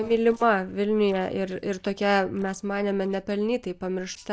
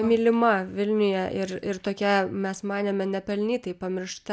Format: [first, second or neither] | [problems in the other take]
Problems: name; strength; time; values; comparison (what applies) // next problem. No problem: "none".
second | noise reduction (neural separator model SepFormer DNS4)